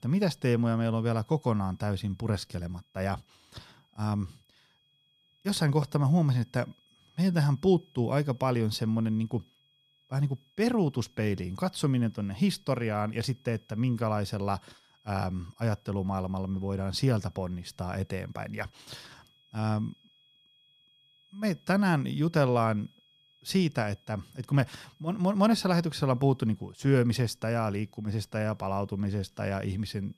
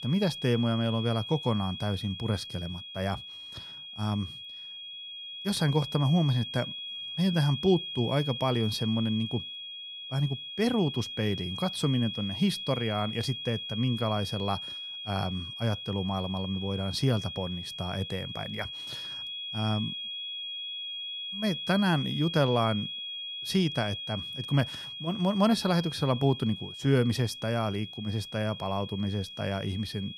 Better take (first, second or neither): first